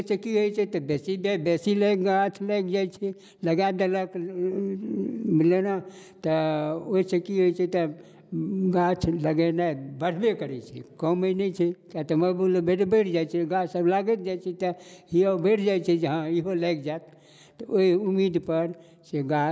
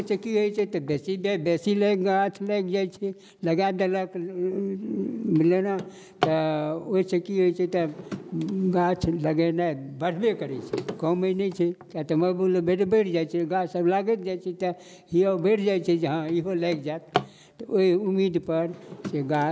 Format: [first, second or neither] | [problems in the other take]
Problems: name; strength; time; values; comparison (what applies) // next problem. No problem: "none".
first | background sound (Drawer open or close); 15 dB below the speech